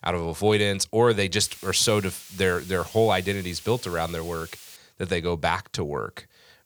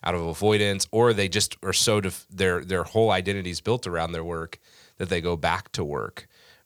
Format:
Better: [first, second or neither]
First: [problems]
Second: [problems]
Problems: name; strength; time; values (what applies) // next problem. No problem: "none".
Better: second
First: hiss; noticeable; from 1.5 to 5 s; 20 dB below the speech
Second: none